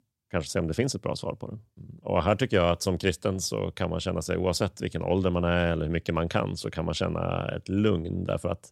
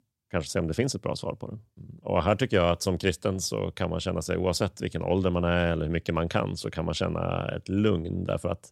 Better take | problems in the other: neither | none

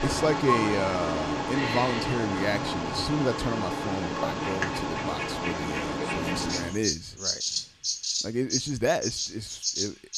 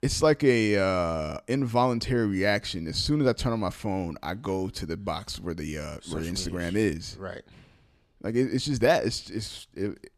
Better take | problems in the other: second | animal sounds; very loud; throughout; 1 dB above the speech

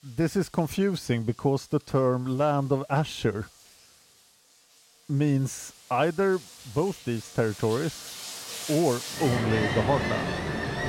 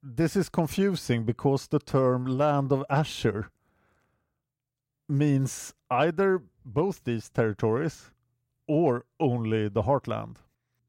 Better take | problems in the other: second | rain or running water; loud; throughout; 5 dB below the speech

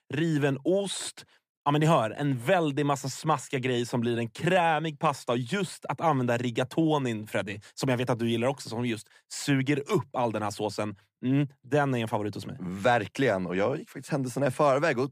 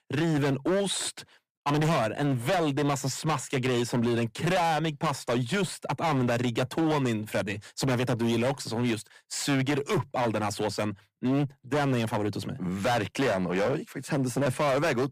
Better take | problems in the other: first | distortion; heavy; 19% of the sound clipped

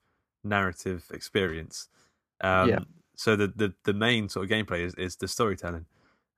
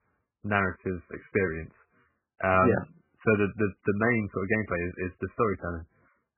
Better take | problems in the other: first | garbled, watery; badly; nothing above 2.5 kHz

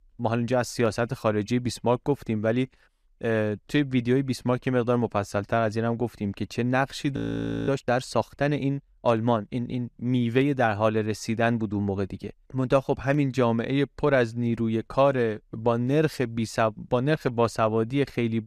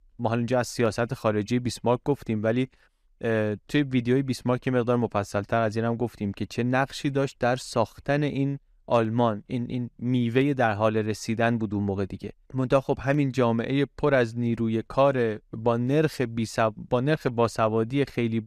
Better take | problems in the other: second | audio freezing; at 7 s for 0.5 s

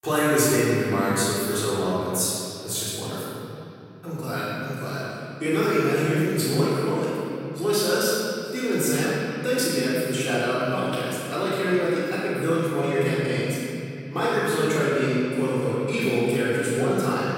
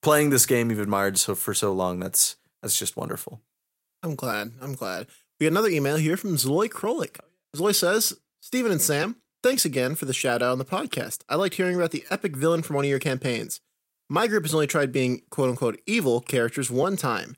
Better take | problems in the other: second | room echo; strong; dies away in 2.8 s // off-mic speech; far

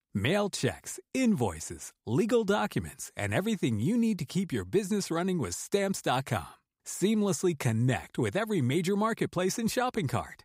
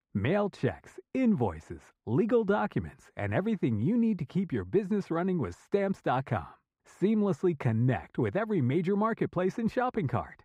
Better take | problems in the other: first | muffled; very; fading above 3.5 kHz

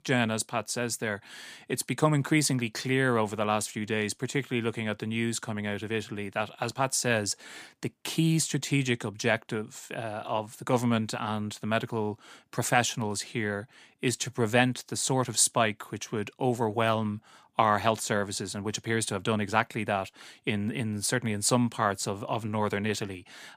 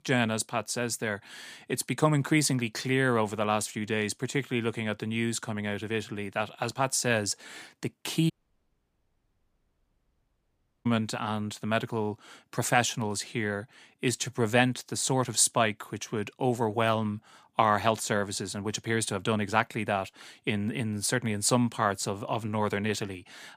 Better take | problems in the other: first | audio cutting out; at 8.5 s for 2.5 s

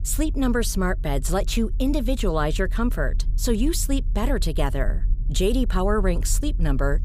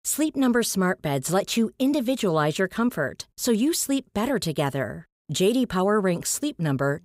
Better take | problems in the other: second | low rumble; faint; throughout; 20 dB below the speech

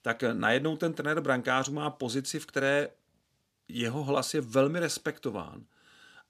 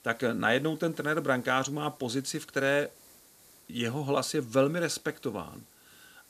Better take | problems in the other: first | hiss; faint; throughout; 25 dB below the speech

